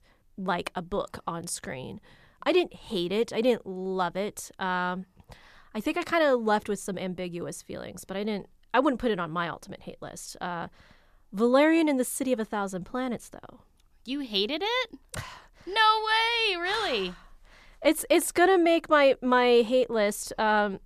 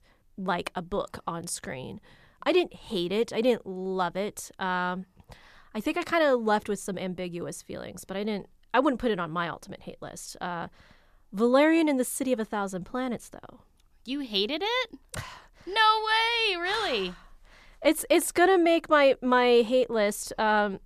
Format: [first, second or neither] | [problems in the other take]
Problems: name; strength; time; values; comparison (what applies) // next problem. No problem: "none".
neither | none